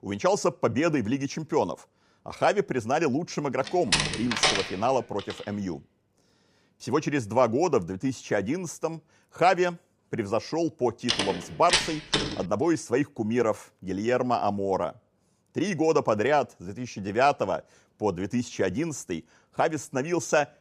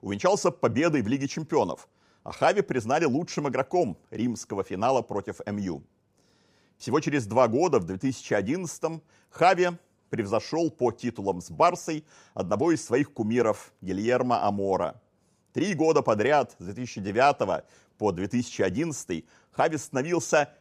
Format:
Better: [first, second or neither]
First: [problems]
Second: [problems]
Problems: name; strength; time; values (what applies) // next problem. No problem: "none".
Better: second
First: door banging; loud; from 3.5 to 12 s; peak 4 dB above the speech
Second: none